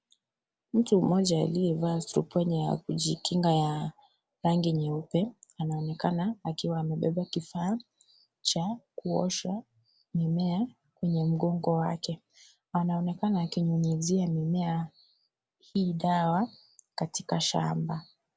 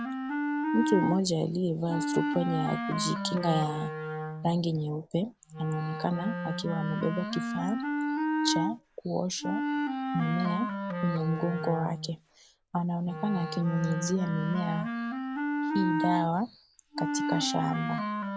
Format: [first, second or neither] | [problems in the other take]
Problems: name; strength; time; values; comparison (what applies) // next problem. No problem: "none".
first | background sound (Wind instrument, woodwind instrument); 2 dB below the speech